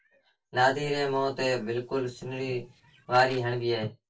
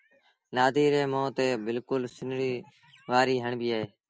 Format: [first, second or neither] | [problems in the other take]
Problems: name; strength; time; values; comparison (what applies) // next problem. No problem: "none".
second | noise reduction (neural separator model SepFormer DNS4)